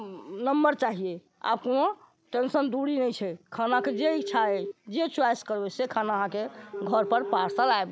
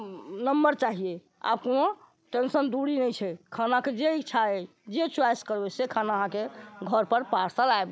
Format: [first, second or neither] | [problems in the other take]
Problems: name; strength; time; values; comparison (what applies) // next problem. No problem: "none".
second | background sound (Telephone); 6 dB below the speech